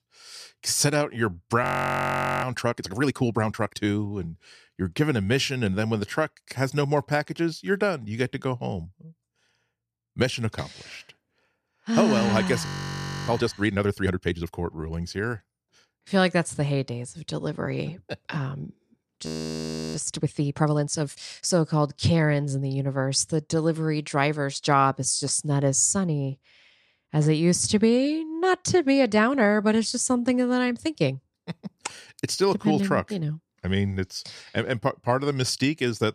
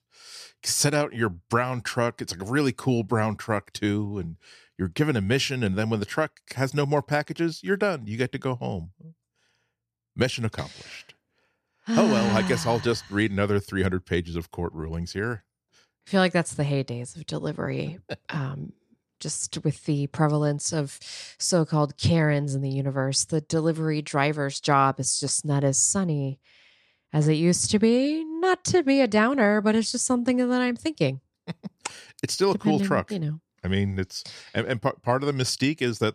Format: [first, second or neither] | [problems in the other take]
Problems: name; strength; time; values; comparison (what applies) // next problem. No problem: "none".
second | audio freezing; at 1.5 s for 1 s, at 13 s for 0.5 s and at 19 s for 0.5 s